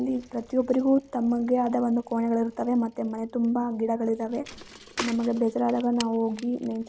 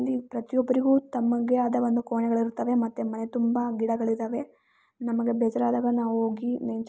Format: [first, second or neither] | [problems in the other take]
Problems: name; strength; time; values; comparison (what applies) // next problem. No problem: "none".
second | background sound (Bicycle); 18 dB below the speech